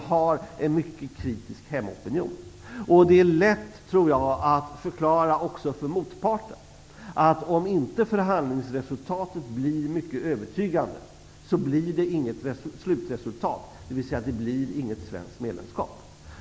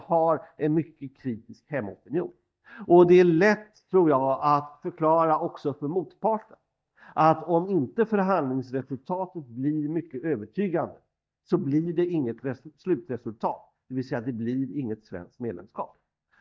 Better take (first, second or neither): first